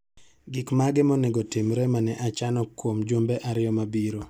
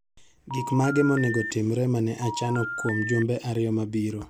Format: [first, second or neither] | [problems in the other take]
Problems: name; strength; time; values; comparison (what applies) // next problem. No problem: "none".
first | background sound (Telephone); 8 dB below the speech